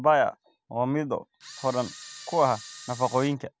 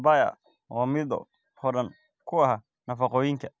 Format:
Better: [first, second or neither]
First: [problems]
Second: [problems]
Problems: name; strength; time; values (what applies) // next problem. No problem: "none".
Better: second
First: background sound (Camera); 16 dB below the speech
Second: none